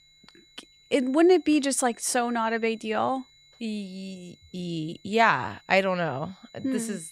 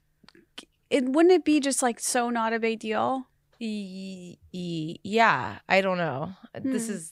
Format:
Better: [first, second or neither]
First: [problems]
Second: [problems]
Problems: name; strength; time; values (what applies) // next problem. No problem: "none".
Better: second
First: high-pitched whine; faint; throughout; 4 kHz, 30 dB below the speech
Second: none